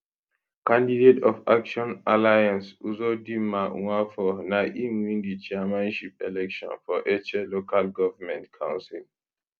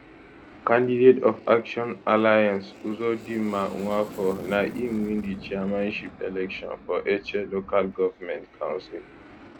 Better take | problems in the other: first | background sound (Aircraft); 18 dB below the speech

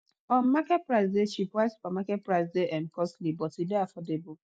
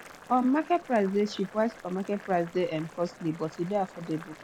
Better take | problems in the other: first | background sound (Boiling); 19 dB below the speech

